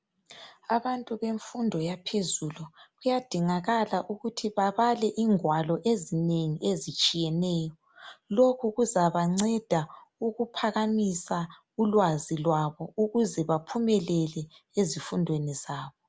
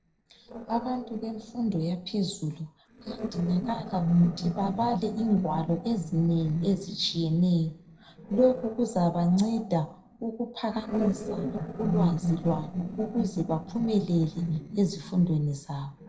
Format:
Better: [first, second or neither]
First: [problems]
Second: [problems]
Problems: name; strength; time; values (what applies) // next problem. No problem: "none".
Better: first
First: none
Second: noise reduction (neural separator model SepFormer DNS4)